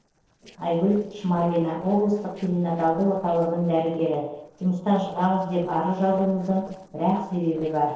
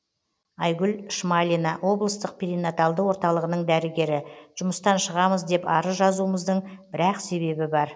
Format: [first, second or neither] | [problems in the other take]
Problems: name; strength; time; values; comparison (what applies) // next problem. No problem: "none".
second | noise reduction (neural separator model SepFormer DNS4)